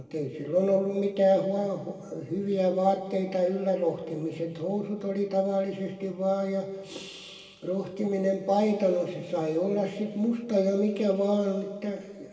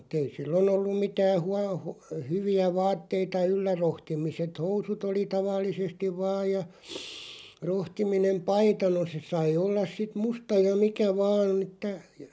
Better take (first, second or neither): second